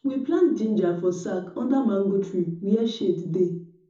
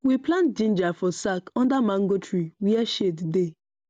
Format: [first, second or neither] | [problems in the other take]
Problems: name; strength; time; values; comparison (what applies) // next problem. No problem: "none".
second | room echo; dies away in 0.6 s